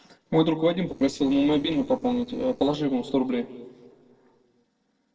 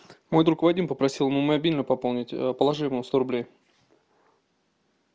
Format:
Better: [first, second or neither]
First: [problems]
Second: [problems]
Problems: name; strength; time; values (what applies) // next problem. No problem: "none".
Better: second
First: noise reduction (neural separator model SepFormer DNS4)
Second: none